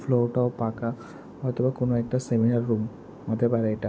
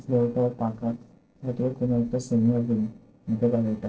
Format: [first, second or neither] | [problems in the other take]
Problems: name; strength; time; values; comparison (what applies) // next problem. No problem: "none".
first | noise reduction (neural separator model SepFormer DNS4)